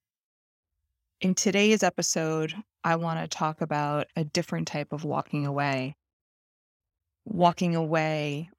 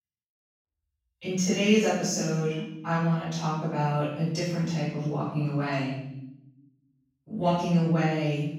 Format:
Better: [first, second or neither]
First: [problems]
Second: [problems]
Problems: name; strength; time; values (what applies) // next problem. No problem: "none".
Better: first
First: none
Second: off-mic speech; far // room echo; strong; dies away in 0.9 s